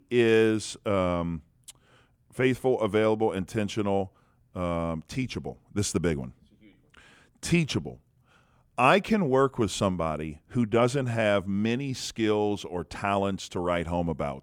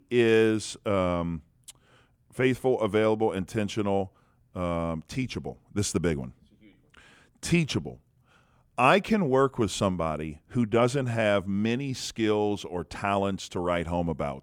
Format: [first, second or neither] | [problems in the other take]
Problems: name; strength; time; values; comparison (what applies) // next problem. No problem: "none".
neither | none